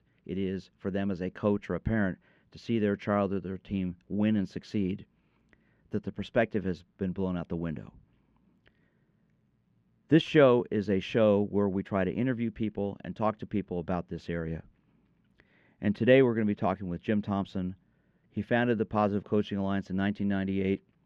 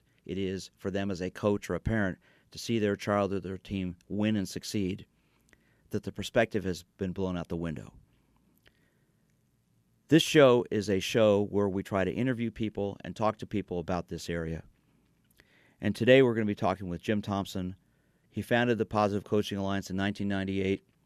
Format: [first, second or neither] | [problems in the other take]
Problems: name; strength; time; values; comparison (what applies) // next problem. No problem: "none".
second | muffled; slightly; fading above 2.5 kHz